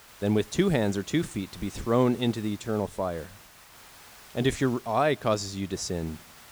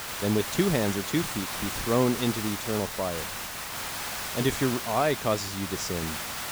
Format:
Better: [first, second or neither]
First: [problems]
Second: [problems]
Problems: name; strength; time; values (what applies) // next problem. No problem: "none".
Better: first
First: hiss; faint; throughout; 20 dB below the speech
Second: hiss; loud; throughout; 4 dB below the speech